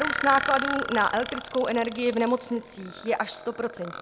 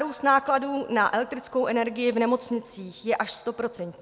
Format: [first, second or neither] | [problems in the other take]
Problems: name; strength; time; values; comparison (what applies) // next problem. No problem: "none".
second | background sound (Burping, eructation); 7 dB below the speech